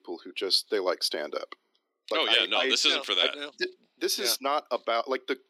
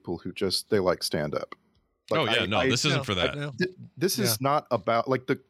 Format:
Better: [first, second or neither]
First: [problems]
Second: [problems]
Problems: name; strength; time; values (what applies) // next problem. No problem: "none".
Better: second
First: thin; somewhat; fading below 300 Hz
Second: none